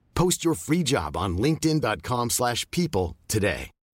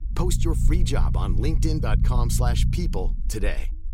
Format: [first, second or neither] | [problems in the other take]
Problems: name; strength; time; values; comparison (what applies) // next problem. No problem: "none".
first | low rumble; loud; throughout; 8 dB below the speech